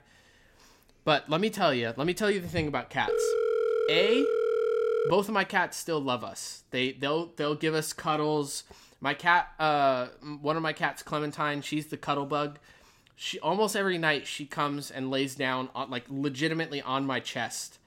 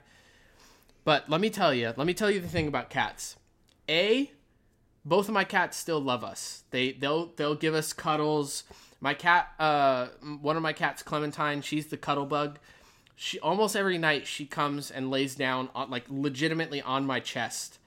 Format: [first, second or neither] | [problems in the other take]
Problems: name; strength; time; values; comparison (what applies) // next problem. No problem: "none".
second | phone ringing; loud; from 3 to 5 s; peak 2 dB above the speech